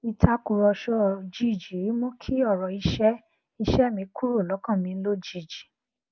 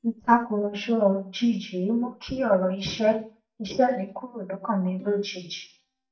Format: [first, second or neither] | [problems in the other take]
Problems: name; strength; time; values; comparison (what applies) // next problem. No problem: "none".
first | noise reduction (neural mask model DeepFilterNet 3)